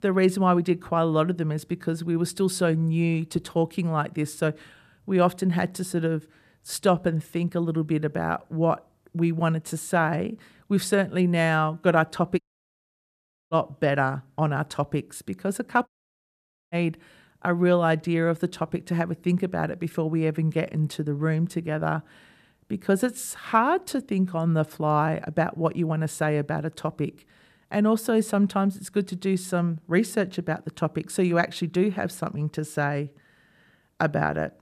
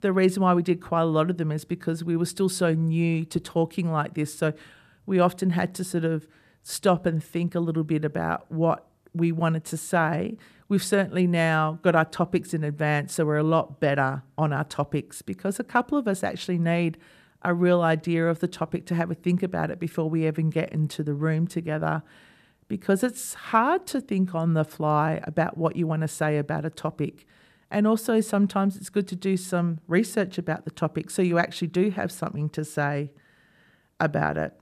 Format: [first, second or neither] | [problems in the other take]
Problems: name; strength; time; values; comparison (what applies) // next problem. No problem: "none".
second | audio cutting out; at 12 s for 1 s and at 16 s for 1 s